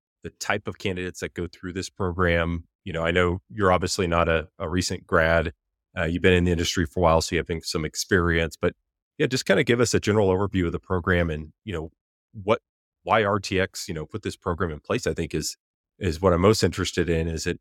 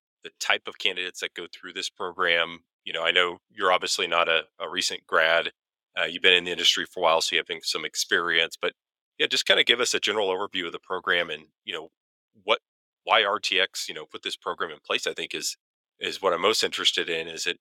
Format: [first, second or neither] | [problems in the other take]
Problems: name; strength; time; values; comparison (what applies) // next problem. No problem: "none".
first | thin; very; fading below 550 Hz